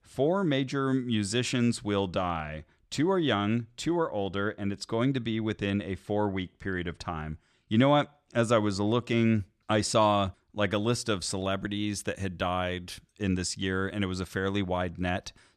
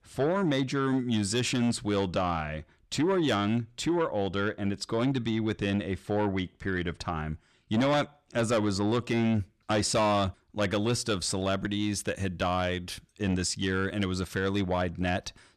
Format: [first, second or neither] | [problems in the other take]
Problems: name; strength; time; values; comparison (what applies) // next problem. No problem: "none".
first | distortion; slight; 10 dB below the speech